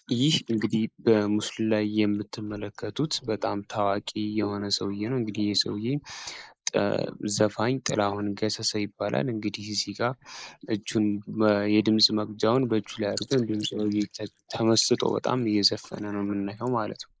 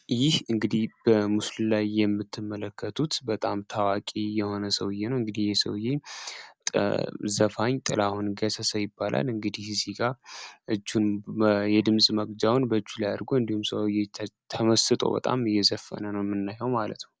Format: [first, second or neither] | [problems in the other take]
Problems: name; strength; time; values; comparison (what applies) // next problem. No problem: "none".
second | noise reduction (neural mask model Resemble Enhance denoiser)